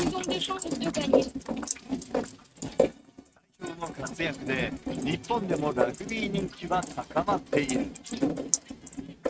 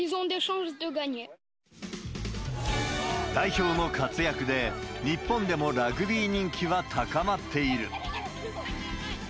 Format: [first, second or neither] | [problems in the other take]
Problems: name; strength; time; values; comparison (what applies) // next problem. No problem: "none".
second | noise reduction (neural mask model RNNoise)